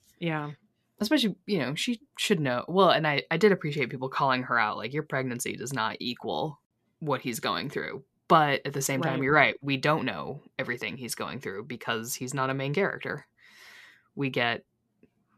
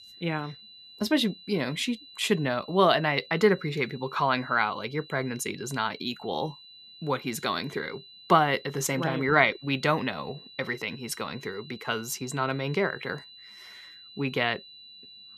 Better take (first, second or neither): first